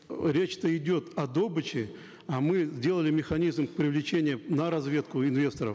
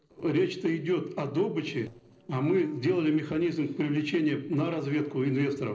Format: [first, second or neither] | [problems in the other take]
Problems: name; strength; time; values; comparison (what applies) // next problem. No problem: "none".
first | noise reduction (neural separator model SepFormer DNS4)